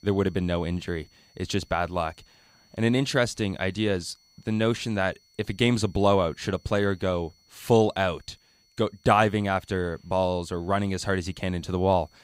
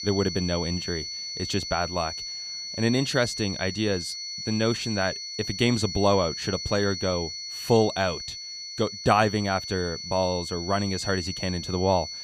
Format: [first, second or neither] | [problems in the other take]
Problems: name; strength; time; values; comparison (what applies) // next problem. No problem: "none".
first | high-pitched whine; loud; throughout; 4.5 kHz, 6 dB below the speech; faint in the first